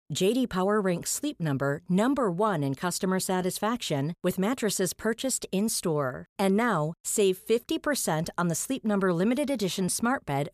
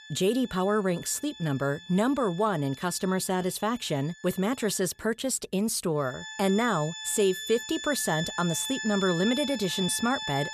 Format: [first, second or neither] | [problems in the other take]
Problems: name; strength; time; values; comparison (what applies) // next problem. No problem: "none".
first | background music; loud; throughout; 9 dB below the speech